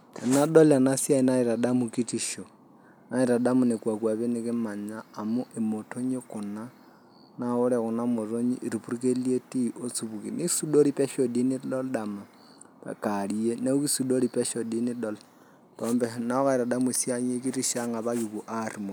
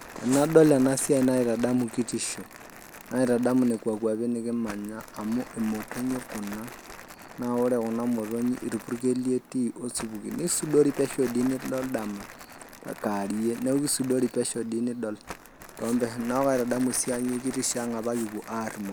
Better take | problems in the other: first | background sound (Crumpling, crinkling); 17 dB below the speech

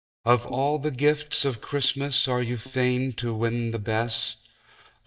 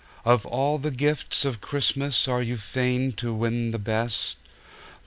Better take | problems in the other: second | noise reduction (neural mask model DeepFilterNet 3)

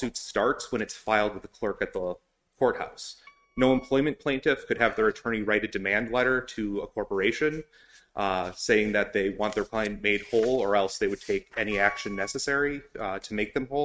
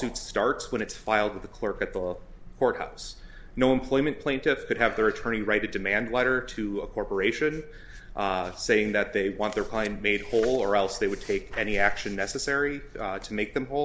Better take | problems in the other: second | noise reduction (neural mask model RNNoise)

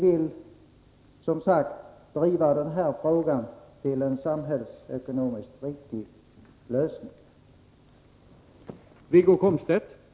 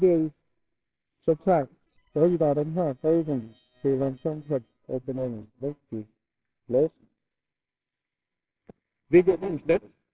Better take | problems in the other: first | noise reduction (neural separator model SepFormer WHAMR!)

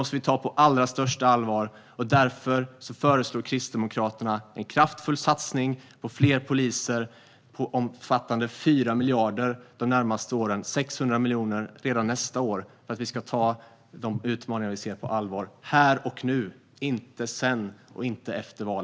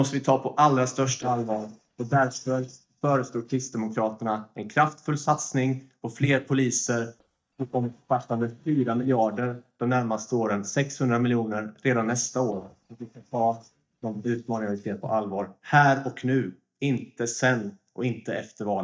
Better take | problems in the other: first | noise reduction (neural mask model DeepFilterNet 3)

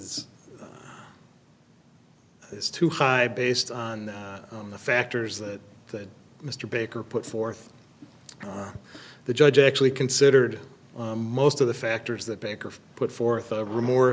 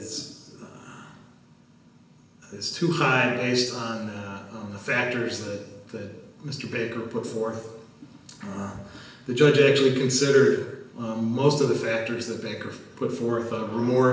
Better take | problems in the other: first | room echo; dies away in 0.9 s

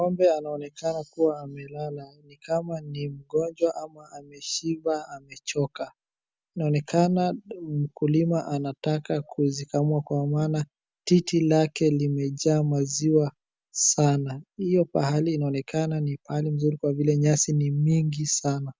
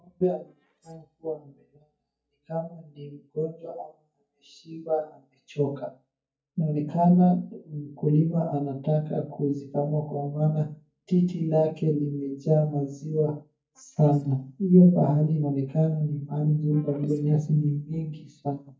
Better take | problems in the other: first | noise reduction (neural mask model DeepFilterNet 3)

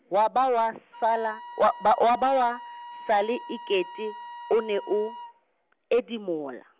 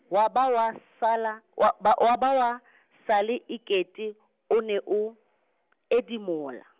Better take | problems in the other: second | background sound (Wind instrument, woodwind instrument); 17 dB below the speech

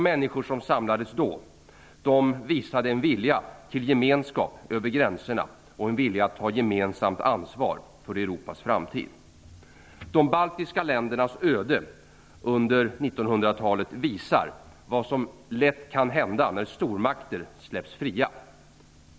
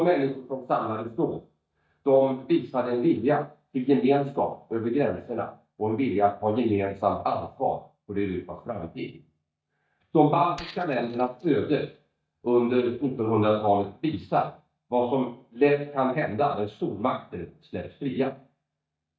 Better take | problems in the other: first | noise reduction (neural mask model DeepFilterNet 3)

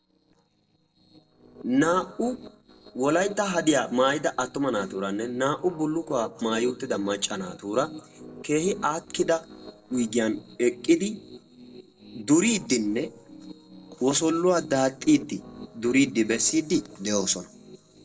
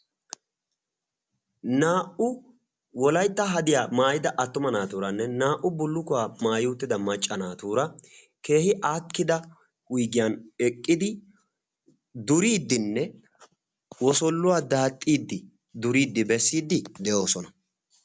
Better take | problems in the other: second | noise reduction (neural separator model SepFormer DNS4)

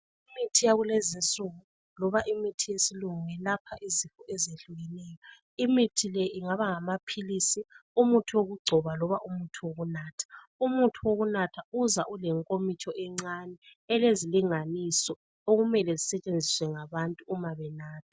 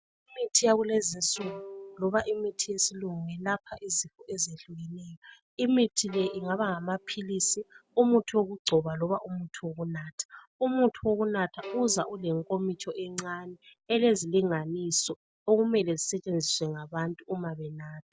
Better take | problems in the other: first | background sound (Bowed string instrument); 17 dB below the speech

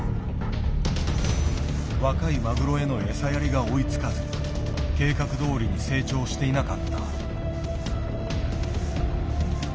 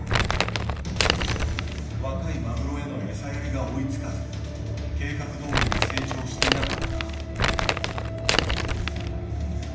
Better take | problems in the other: first | background sound (Crumpling, crinkling); 2 dB above the speech // room echo; dies away in 0.9 s

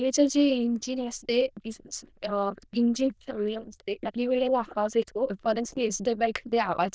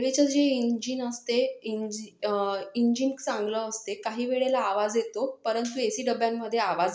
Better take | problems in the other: second | noise reduction (neural diffusion model UNIVERSE++)

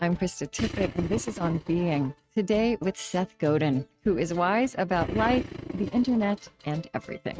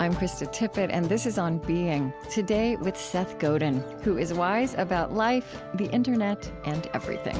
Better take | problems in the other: second | noise reduction (neural mask model RNNoise)

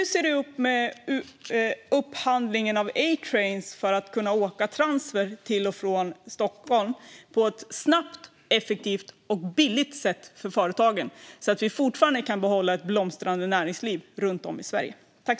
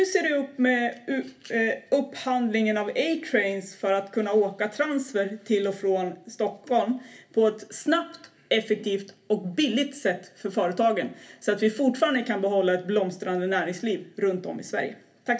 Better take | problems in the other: first | room echo; dies away in 0.3 s

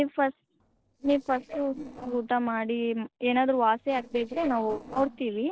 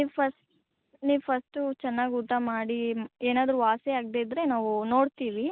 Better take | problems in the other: second | noise reduction (neural separator model SepFormer DNS4)

